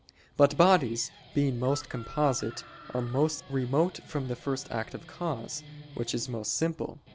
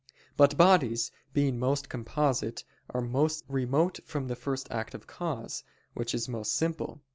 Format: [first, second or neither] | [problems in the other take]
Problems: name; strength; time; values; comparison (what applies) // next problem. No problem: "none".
second | background sound (Chicken, rooster + Guitar); 20 dB below the speech